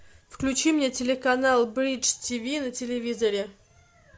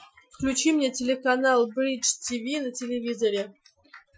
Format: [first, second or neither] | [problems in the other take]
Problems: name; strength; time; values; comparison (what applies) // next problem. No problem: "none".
first | noise reduction (classical method Wiener filter)